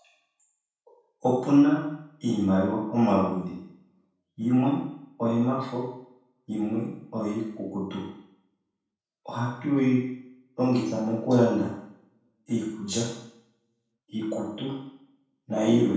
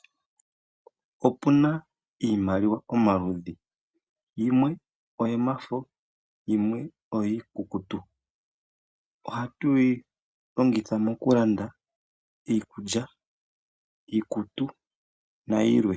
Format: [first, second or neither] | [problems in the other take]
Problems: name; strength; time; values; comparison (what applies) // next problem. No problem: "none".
second | room echo; dies away in 0.6 s